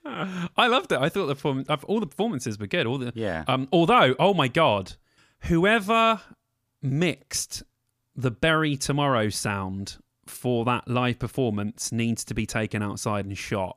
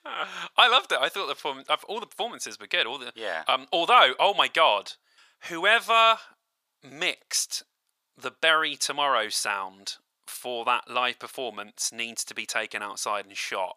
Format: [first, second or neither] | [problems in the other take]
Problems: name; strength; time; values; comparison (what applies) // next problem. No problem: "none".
first | thin; very; fading below 800 Hz